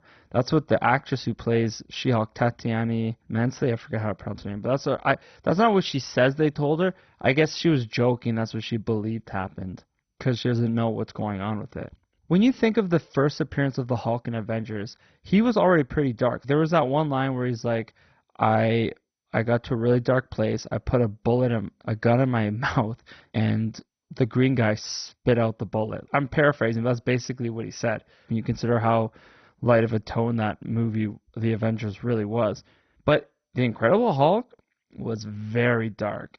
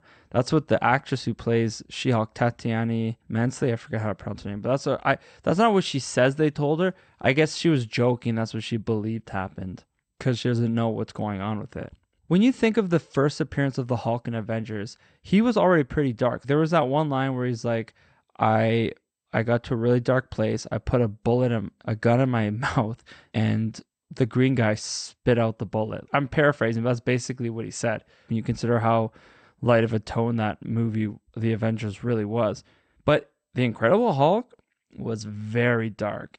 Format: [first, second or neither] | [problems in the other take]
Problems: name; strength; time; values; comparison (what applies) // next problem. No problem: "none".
second | garbled, watery; badly; nothing above 6 kHz; slightly in the second